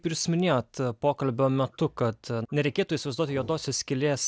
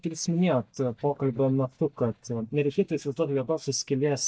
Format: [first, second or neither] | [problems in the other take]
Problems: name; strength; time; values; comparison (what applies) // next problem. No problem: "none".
first | noise reduction (neural mask model DeepFilterNet 3)